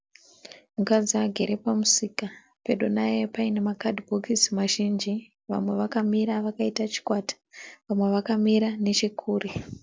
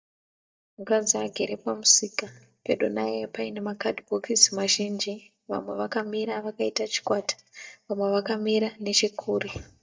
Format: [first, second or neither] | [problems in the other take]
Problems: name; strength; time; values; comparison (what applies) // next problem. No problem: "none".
first | noise reduction (neural mask model DeepFilterNet 3)